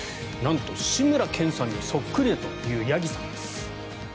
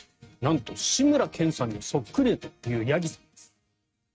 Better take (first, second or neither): first